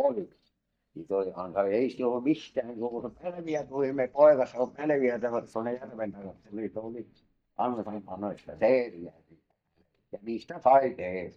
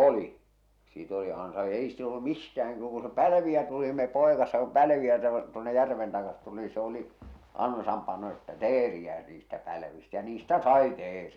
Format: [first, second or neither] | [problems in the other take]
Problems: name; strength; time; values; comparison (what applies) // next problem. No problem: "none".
second | noise reduction (neural mask model DeepFilterNet 3)